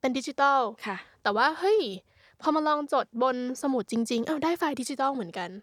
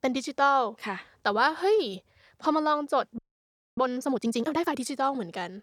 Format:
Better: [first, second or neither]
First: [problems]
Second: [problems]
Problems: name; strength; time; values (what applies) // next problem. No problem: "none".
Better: first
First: none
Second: audio freezing; at 3 s for 0.5 s